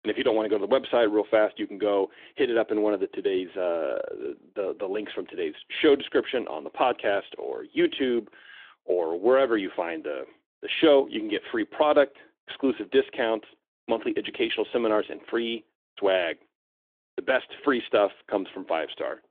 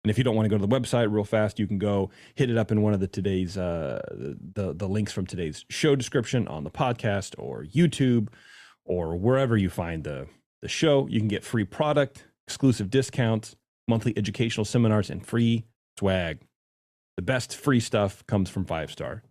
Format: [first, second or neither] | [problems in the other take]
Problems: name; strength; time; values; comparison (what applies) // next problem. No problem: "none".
second | phone-call audio; nothing above 3.5 kHz